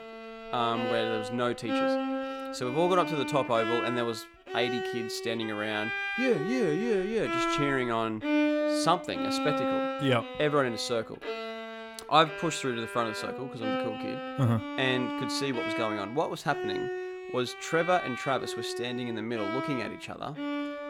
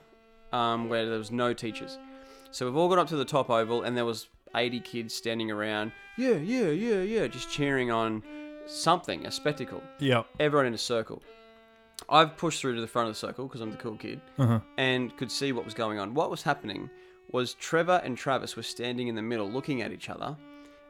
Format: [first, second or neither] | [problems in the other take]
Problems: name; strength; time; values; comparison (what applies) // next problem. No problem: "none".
second | background music; loud; throughout; 3 dB below the speech; faint in the second